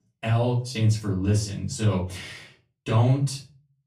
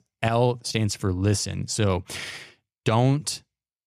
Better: second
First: off-mic speech; far // room echo; slight; dies away in 0.3 s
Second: none

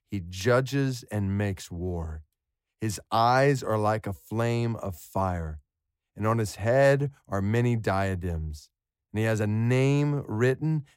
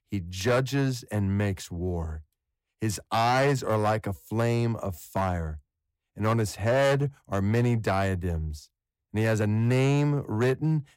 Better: first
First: none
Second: distortion; slight; 7% of the sound clipped

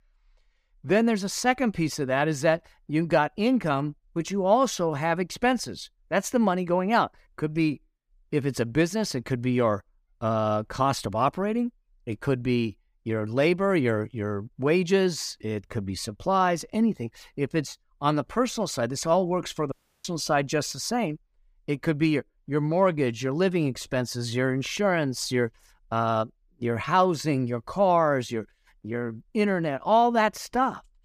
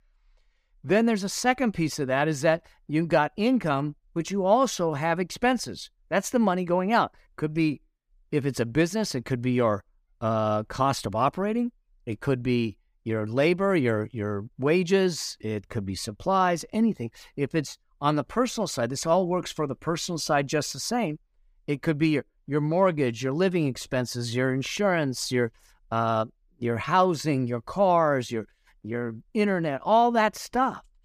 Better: second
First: audio cutting out; at 20 s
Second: none

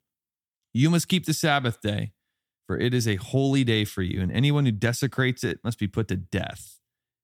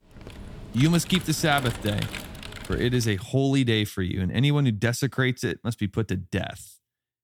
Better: first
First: none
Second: keyboard typing; noticeable; until 3 s; peak 9 dB below the speech

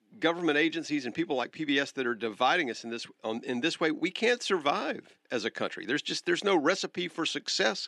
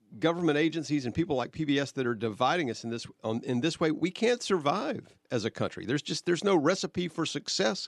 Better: second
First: thin; very slightly; fading below 250 Hz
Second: none

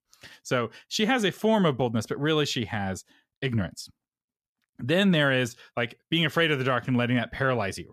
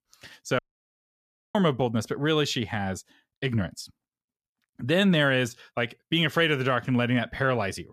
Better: first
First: none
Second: audio cutting out; at 0.5 s for 1 s

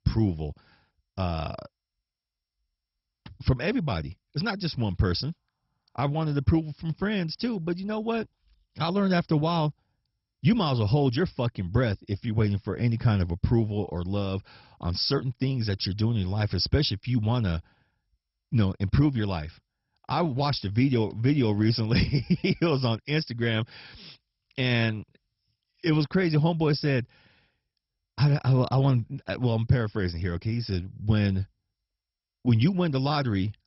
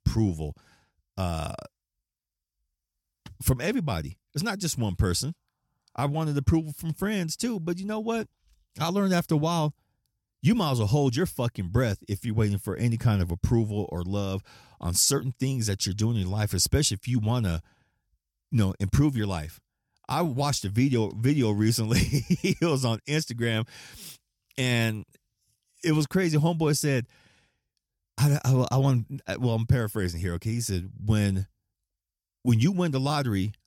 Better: second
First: garbled, watery; badly; nothing above 5.5 kHz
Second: none

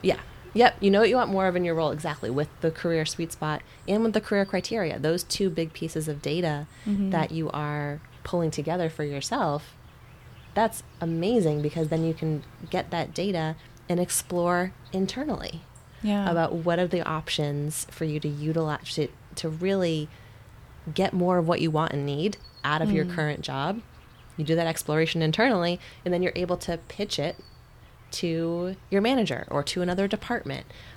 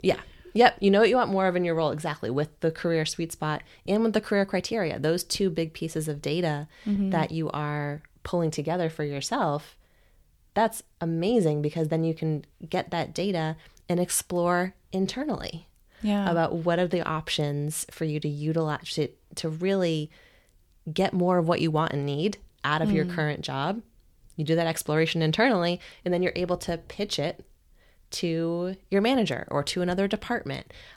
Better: second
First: animal sounds; faint; throughout; 25 dB below the speech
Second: none

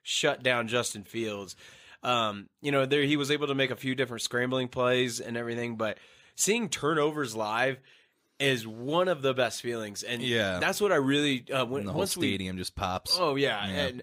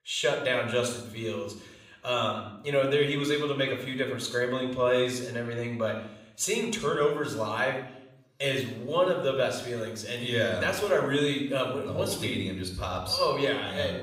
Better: first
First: none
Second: off-mic speech; somewhat distant // room echo; noticeable; dies away in 0.7 s

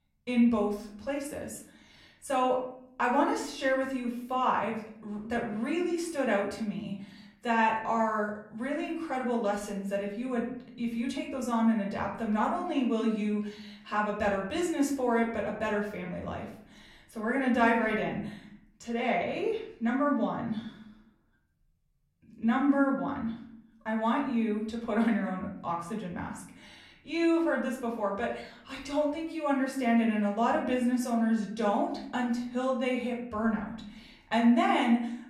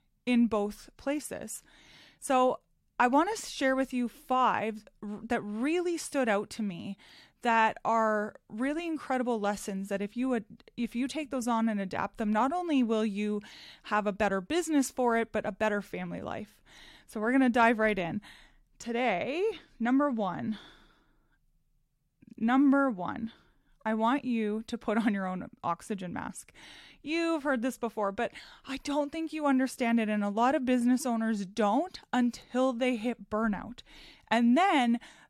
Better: second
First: room echo; slight; dies away in 0.6 s // off-mic speech; far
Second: none

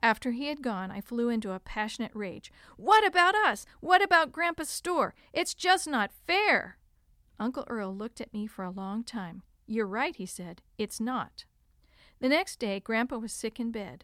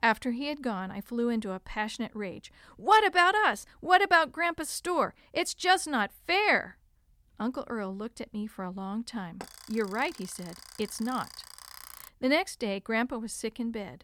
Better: first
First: none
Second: alarm; faint; from 9.5 to 12 s; peak 15 dB below the speech

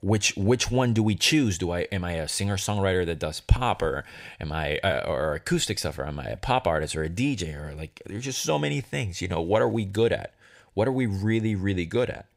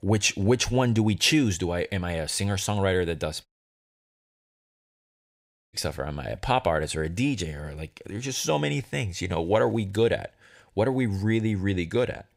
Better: first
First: none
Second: audio cutting out; at 3.5 s for 2.5 s

